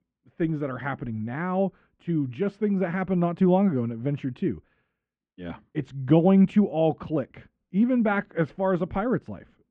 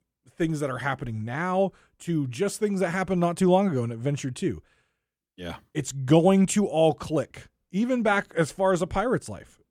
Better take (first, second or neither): second